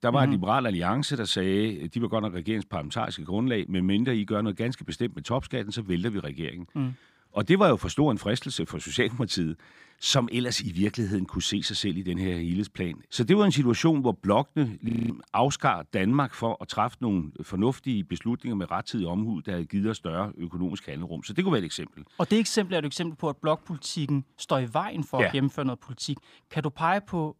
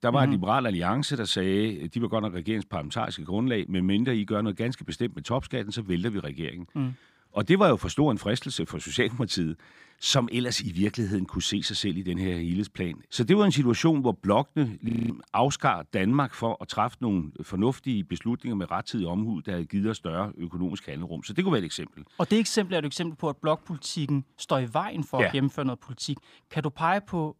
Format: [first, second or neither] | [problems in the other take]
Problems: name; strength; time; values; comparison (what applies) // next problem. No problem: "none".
neither | audio freezing; at 15 s; the same in both